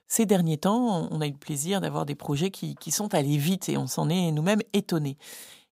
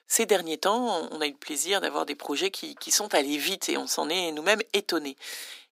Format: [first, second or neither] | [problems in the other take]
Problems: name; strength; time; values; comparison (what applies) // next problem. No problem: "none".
first | thin; somewhat; fading below 300 Hz